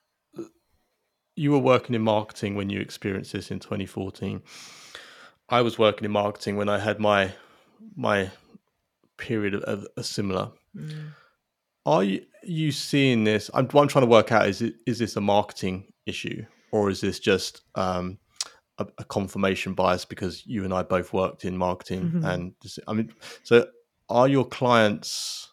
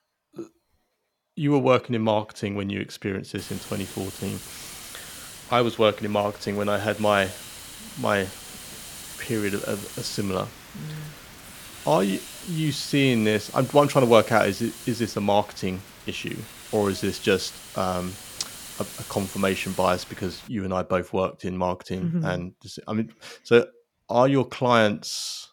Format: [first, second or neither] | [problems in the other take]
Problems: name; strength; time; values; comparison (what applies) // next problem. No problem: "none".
first | hiss; noticeable; from 3.5 to 20 s; 15 dB below the speech